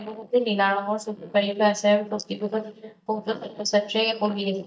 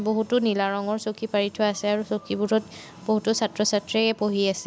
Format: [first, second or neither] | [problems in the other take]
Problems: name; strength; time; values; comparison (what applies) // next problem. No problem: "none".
second | noise reduction (neural mask model DeepFilterNet 3)